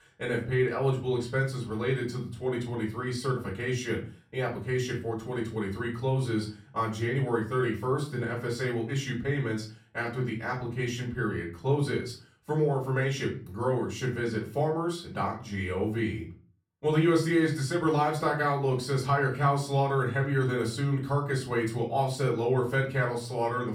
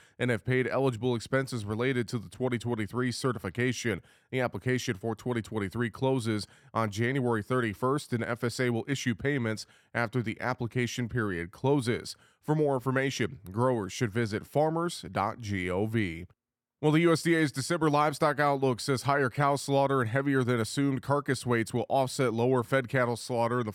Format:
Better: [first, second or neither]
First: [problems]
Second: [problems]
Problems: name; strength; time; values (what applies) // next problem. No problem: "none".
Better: second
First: off-mic speech; far // room echo; slight; dies away in 0.3 s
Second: none